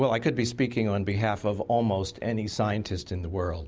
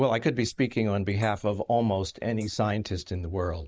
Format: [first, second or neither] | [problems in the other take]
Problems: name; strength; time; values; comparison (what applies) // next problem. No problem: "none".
first | noise reduction (neural mask model Resemble Enhance denoiser)